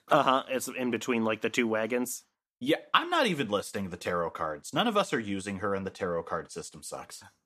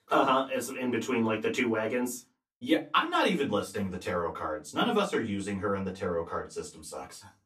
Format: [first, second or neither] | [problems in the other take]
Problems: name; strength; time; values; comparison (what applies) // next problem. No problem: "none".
first | off-mic speech; far // room echo; very slight; dies away in 0.2 s